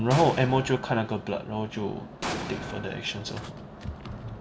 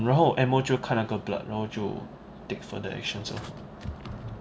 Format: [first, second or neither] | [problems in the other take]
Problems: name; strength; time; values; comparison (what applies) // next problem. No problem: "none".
second | background sound (Explosion); 8 dB below the speech